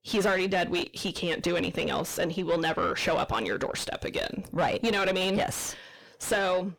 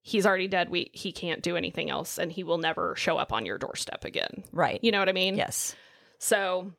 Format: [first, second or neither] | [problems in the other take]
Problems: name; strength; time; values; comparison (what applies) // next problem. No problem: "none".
second | distortion; heavy; 6 dB below the speech